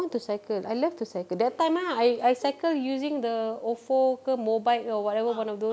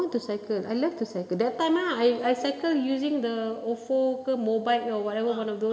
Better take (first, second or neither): first